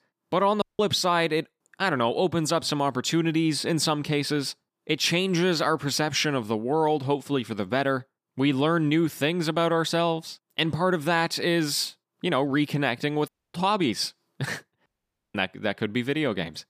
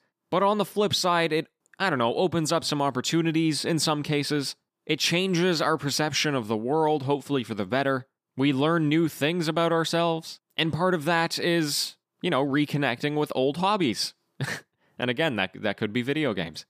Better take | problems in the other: second | audio cutting out; at 0.5 s, at 13 s and at 15 s

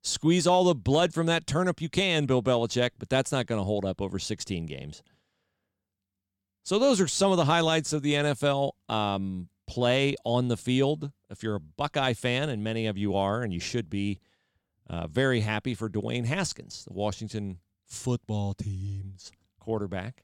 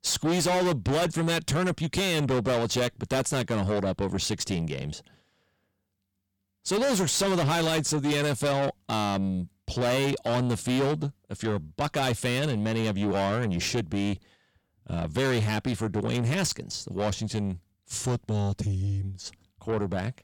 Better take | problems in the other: first | distortion; heavy; 6 dB below the speech

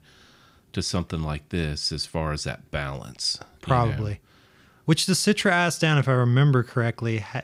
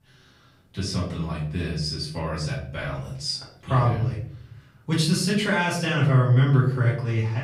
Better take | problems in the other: first | off-mic speech; far // room echo; noticeable; dies away in 0.6 s

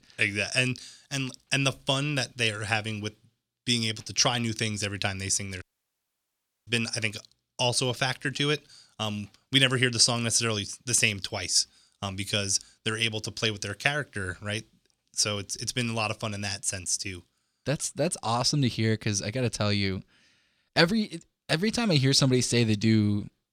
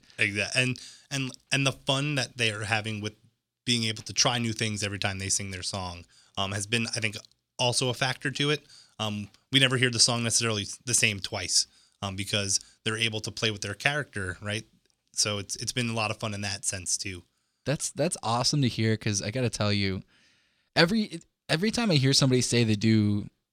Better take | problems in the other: second | audio cutting out; at 5.5 s for 1 s

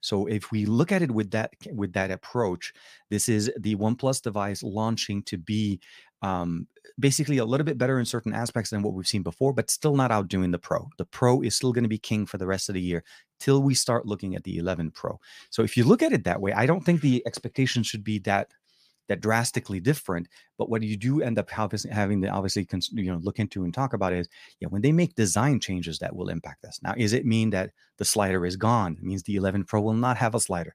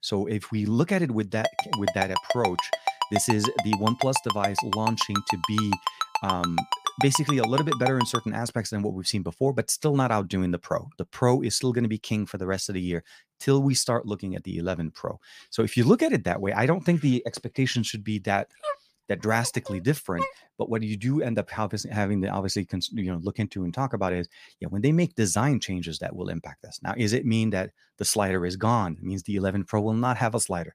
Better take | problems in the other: first | phone ringing; noticeable; from 1.5 to 8 s; peak 1 dB below the speech // dog barking; noticeable; from 19 to 20 s; peak 5 dB below the speech

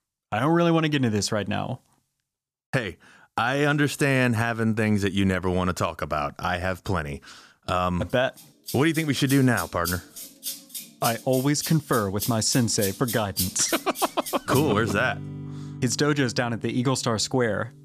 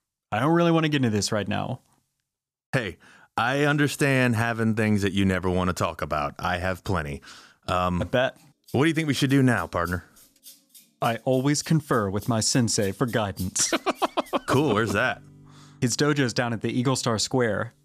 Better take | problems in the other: second | background music; loud; from 8.5 s on; 9 dB below the speech; faint in the second

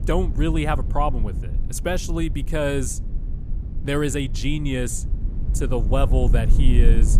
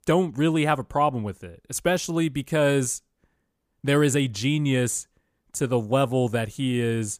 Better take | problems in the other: second | low rumble; noticeable; throughout; 15 dB below the speech

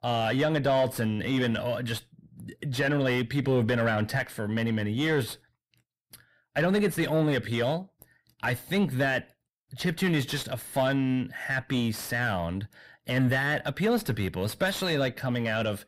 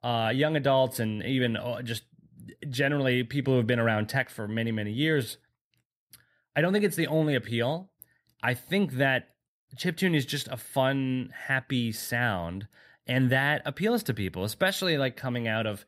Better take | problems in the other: second | distortion; slight; 9 dB below the speech

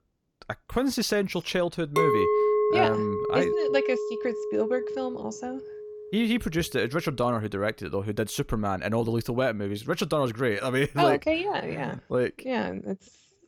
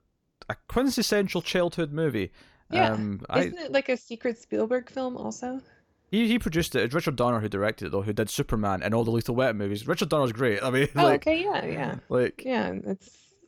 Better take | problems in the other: second | clattering dishes; loud; from 2 to 5 s; peak 5 dB above the speech

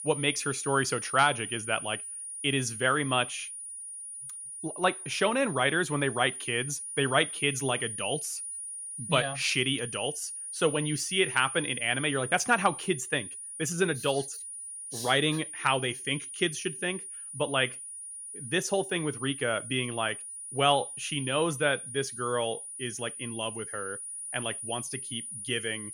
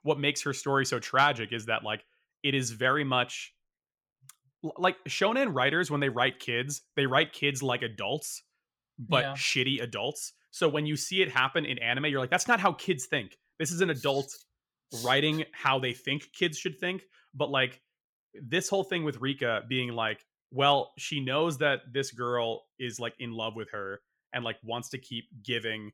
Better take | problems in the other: second | high-pitched whine; loud; throughout; 9.5 kHz, 8 dB below the speech

